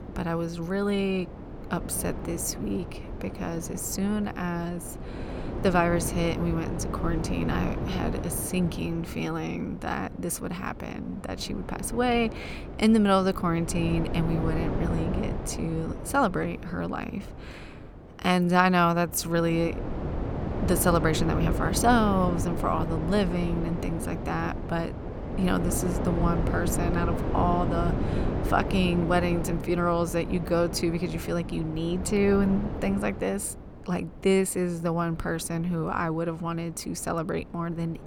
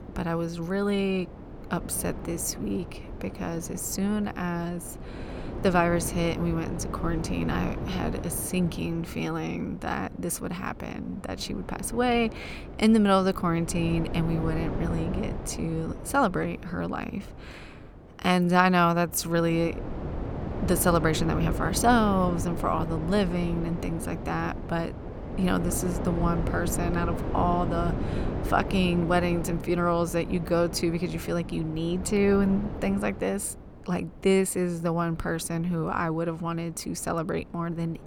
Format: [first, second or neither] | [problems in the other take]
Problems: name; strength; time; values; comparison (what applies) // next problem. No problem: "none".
second | wind noise on the microphone; heavy; 8 dB below the speech; occasional gusts in the second